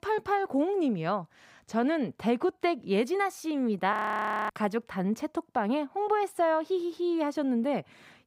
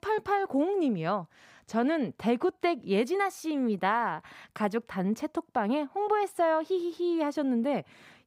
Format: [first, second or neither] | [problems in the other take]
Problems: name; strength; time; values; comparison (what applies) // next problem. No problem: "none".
second | audio freezing; at 4 s for 0.5 s